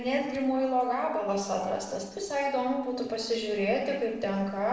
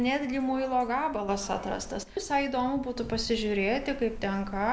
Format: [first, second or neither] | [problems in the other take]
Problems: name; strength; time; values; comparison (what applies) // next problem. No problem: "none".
second | noise reduction (neural separator model SepFormer DNS4)